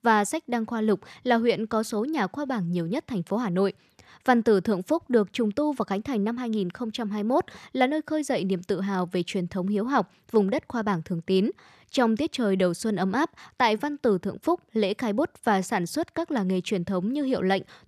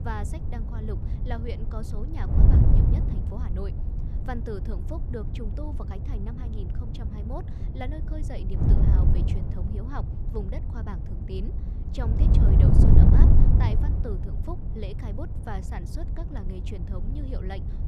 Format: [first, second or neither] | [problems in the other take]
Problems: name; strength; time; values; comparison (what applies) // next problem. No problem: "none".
first | wind noise on the microphone; heavy; 2 dB above the speech